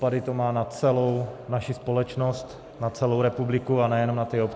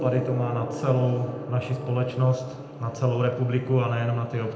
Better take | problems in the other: first | background sound (Gong); 11 dB below the speech // room echo; dies away in 0.7 s

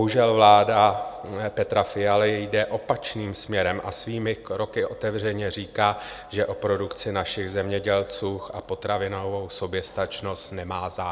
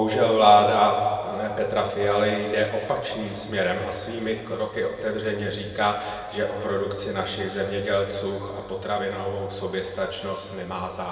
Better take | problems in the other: first | room echo; dies away in 2.2 s

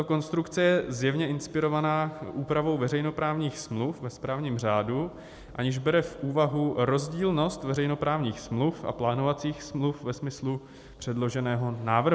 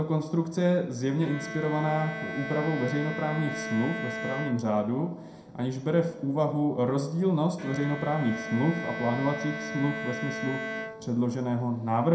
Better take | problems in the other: first | background sound (Bowed string instrument); 10 dB below the speech // room echo; dies away in 0.4 s

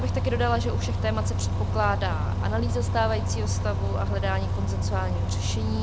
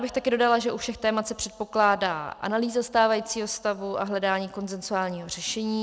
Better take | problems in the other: second | background sound (Bus); 5 dB above the speech

